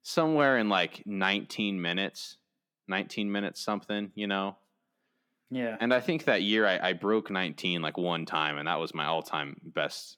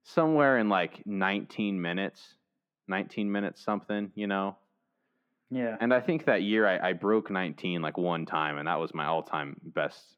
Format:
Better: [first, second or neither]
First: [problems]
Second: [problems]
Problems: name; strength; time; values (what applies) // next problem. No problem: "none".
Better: first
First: none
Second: muffled; slightly; fading above 3 kHz